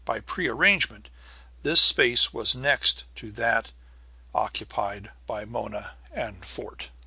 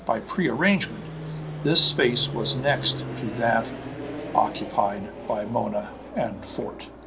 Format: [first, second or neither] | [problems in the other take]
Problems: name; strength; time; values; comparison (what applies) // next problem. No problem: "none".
first | background sound (Fixed-wing aircraft, airplane); 8 dB below the speech // room echo; dies away in 0.3 s